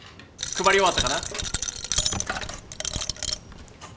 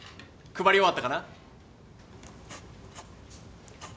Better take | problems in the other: second | background sound (Coin (dropping)); as loud as the speech

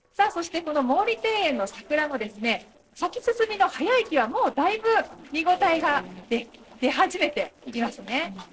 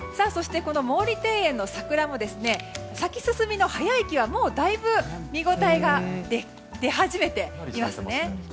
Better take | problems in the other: second | noise reduction (neural separator model SepFormer DNS4)

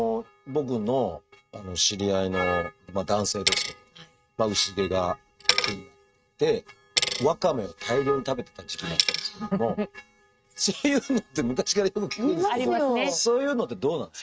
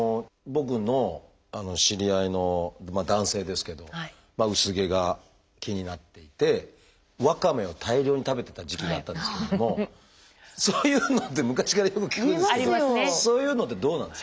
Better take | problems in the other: second | noise reduction (neural mask model RNNoise)

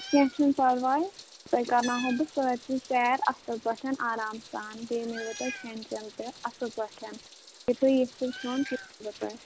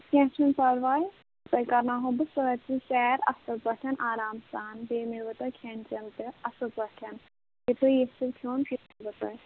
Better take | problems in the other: second | background sound (Meow); 16 dB below the speech

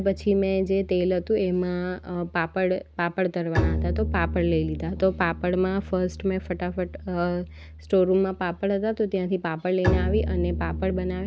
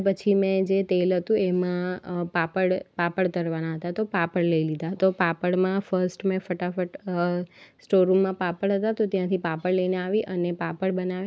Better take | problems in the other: second | background sound (Bowed string instrument); 6 dB below the speech

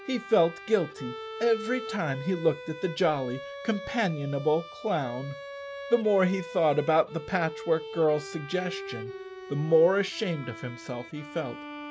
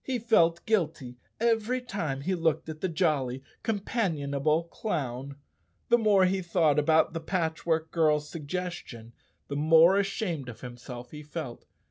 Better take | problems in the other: second | background sound (Bowed string instrument); 12 dB below the speech

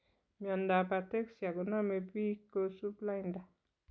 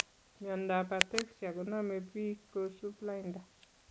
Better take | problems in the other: first | background sound (Tick); 5 dB below the speech

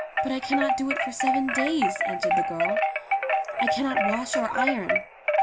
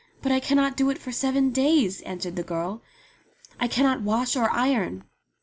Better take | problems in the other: second | background sound (Wind chime); 5 dB above the speech

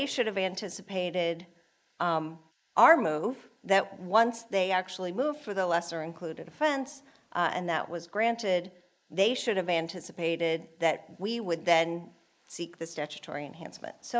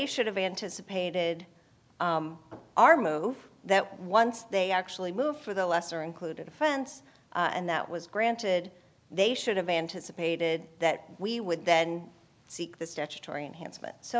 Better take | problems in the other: second | noise reduction (neural mask model Resemble Enhance denoiser)

